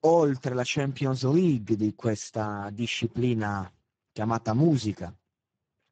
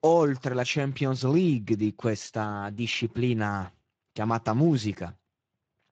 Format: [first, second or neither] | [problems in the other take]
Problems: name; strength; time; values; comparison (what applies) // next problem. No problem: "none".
second | garbled, watery; badly; nothing above 7.5 kHz; slightly in the second